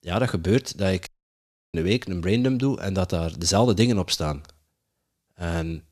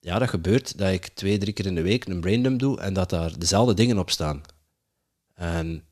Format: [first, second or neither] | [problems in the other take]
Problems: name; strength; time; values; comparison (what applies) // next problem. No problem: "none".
second | audio cutting out; at 1 s for 0.5 s